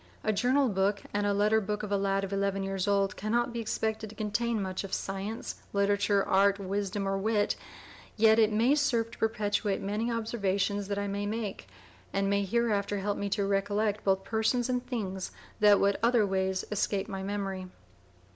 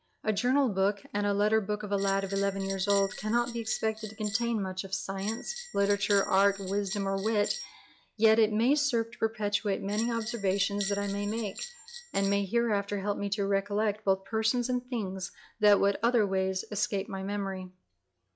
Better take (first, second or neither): first